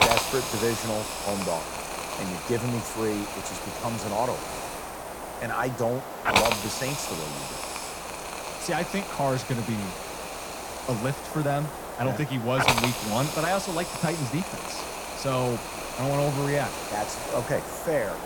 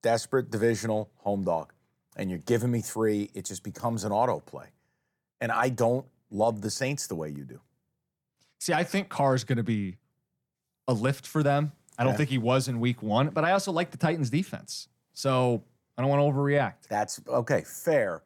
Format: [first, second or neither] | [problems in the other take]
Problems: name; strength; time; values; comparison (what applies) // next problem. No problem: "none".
second | hiss; loud; throughout; 1 dB below the speech